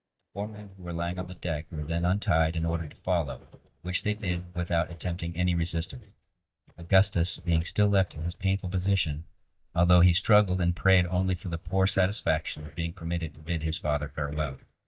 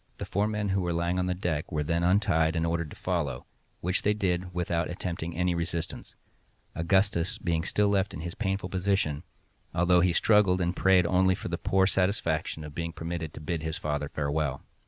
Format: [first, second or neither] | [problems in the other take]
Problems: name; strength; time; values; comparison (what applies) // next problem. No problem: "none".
second | noise reduction (neural mask model DeepFilterNet 3)